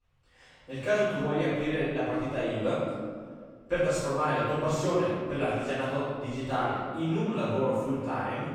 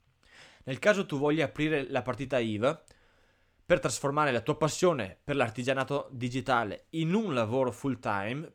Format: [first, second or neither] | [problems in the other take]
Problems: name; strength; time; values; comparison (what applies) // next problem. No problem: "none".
second | off-mic speech; far // room echo; strong; dies away in 1.7 s